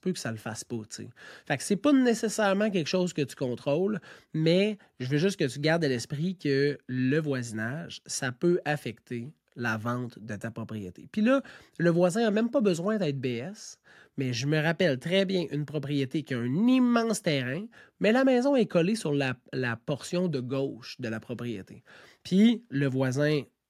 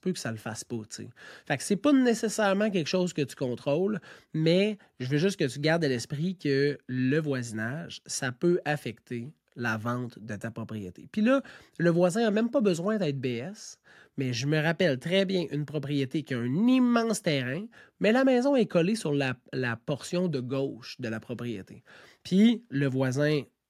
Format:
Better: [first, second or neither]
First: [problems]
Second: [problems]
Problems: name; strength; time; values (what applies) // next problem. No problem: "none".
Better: neither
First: none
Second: none